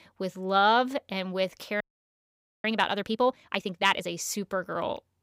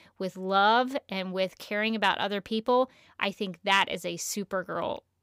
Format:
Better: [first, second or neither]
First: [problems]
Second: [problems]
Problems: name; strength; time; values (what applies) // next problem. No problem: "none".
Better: second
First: audio freezing; at 2 s for 1 s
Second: none